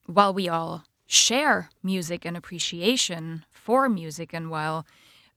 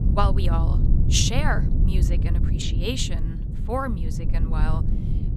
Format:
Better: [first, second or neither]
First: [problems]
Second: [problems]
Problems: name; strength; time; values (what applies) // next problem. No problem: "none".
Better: first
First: none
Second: low rumble; loud; throughout; 9 dB below the speech